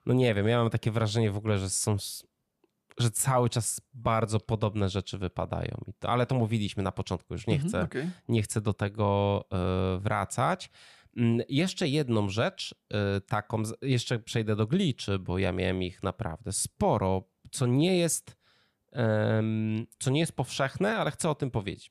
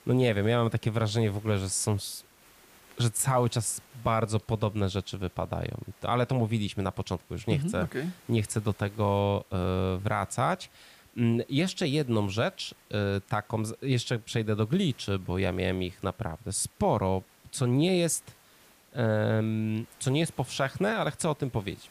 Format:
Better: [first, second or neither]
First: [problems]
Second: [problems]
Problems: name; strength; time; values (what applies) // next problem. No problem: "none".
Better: first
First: none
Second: hiss; faint; throughout; 25 dB below the speech